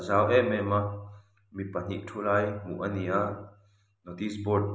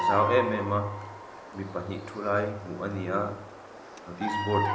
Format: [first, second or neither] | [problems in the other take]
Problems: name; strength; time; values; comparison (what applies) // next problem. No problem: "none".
first | background sound (Bird vocalization, bird call, bird song); 4 dB below the speech